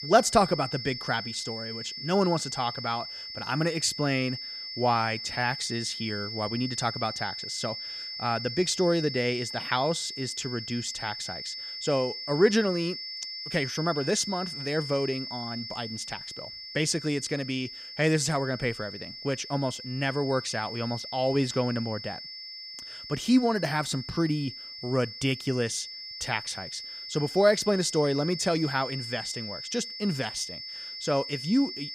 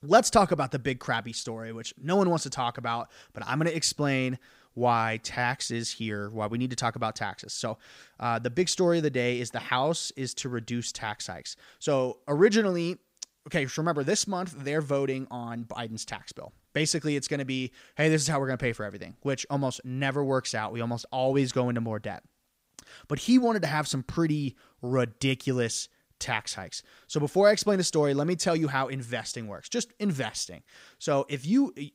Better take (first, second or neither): second